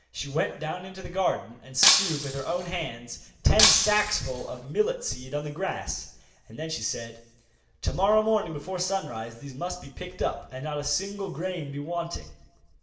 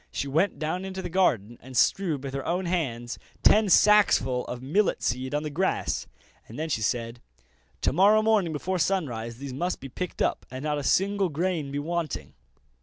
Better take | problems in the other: second | background sound (Shatter); 4 dB above the speech // room echo; dies away in 0.8 s

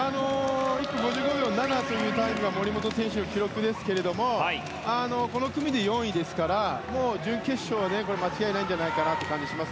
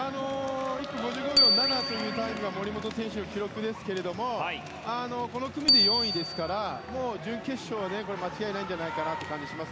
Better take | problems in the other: first | background sound (Bicycle bell); 1 dB above the speech

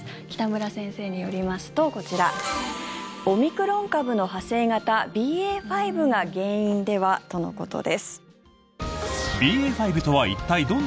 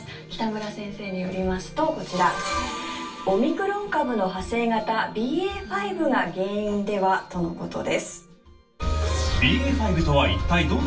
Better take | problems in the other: first | room echo; dies away in 0.3 s

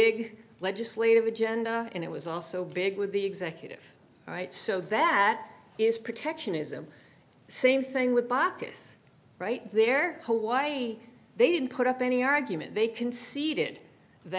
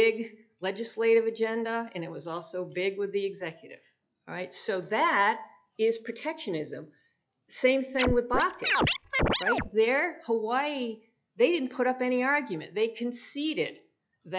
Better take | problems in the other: first | noise reduction (classical method log-MMSE)

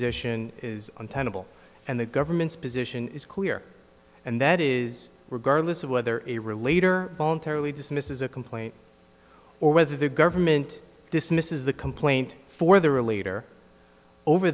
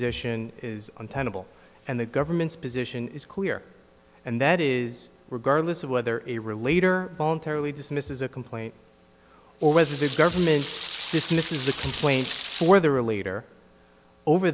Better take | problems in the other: first | background sound (Rain); 10 dB below the speech

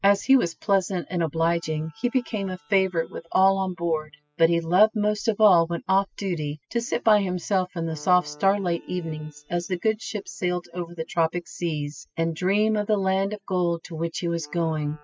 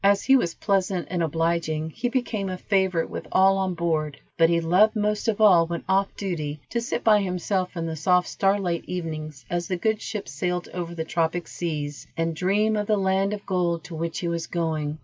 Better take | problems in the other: second | noise reduction (classical method spectral subtraction)

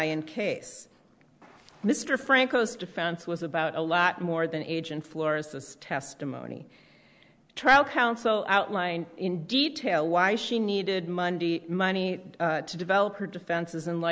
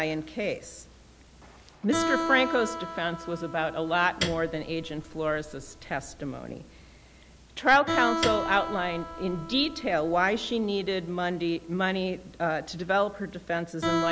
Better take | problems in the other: first | background sound (Guitar + Piano); 7 dB below the speech

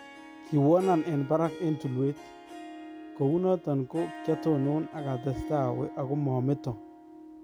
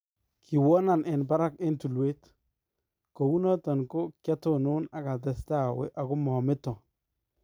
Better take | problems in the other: second | background sound (Harp); 13 dB below the speech

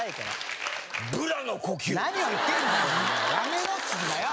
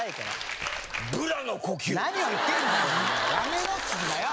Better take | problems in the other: first | background sound (Water / Splash, splatter); 19 dB below the speech

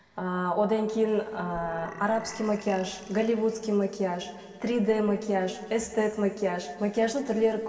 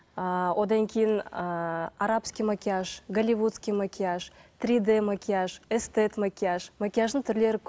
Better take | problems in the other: second | background sound (Burping, eructation); 19 dB below the speech // room echo; dies away in 2.3 s

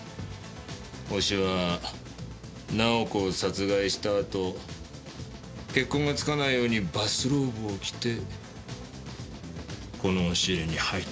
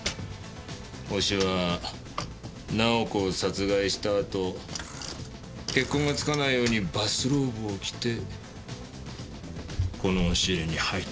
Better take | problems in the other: first | background sound (Bicycle); 11 dB below the speech

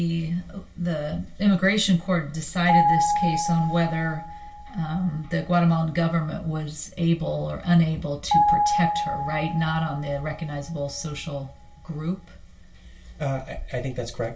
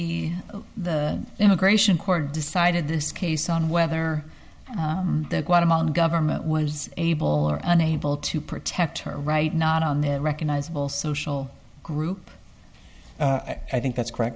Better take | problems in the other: second | background sound (Piano); 2 dB below the speech // room echo; dies away in 0.2 s

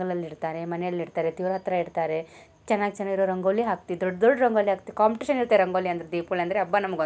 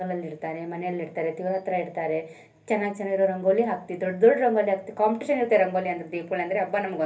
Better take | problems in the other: first | room echo; dies away in 0.3 s

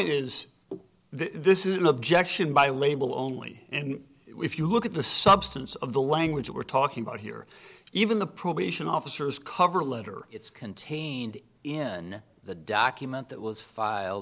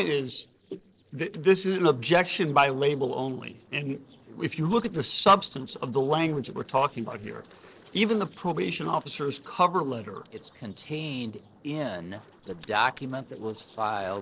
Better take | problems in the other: first | noise reduction (neural separator model SepFormer DNS4)

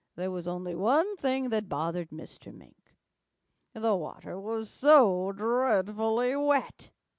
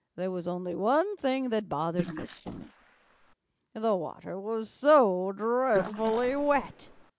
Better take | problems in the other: first | noise reduction (neural mask model Resemble Enhance denoiser)

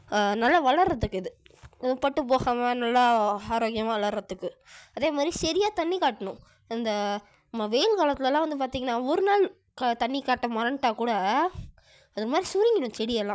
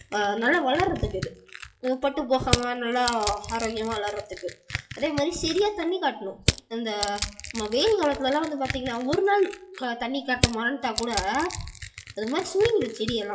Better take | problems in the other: first | noise reduction (classical method WPE with log-MMSE)

